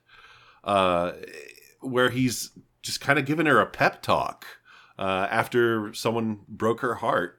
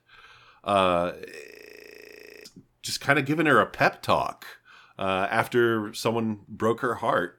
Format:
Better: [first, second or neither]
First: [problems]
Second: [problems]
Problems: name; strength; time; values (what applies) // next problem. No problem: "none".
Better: first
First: none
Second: audio freezing; at 1.5 s for 1 s